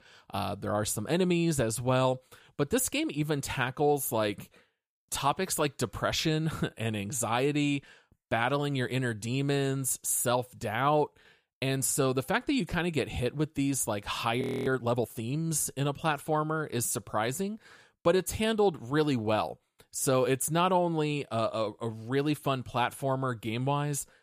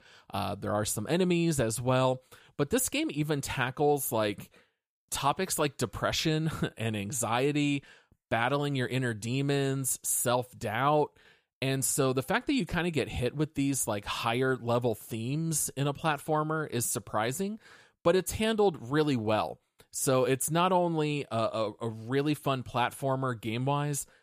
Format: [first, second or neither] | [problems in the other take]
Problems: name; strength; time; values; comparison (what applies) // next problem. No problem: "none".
second | audio freezing; at 14 s